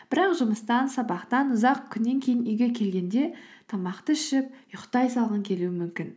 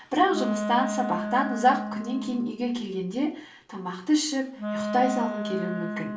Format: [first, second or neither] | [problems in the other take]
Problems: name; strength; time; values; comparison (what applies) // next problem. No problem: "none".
first | background sound (Wind instrument, woodwind instrument); 6 dB below the speech // room echo; dies away in 0.3 s